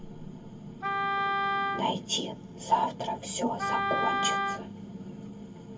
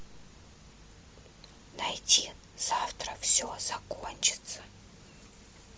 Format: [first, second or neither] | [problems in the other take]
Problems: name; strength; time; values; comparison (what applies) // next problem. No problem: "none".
second | background sound (Wind instrument, woodwind instrument); 2 dB above the speech // room echo; dies away in 0.3 s